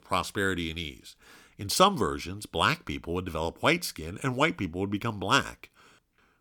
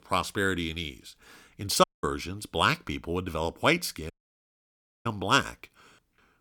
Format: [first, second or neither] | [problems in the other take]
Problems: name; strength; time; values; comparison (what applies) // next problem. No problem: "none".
first | audio cutting out; at 2 s and at 4 s for 1 s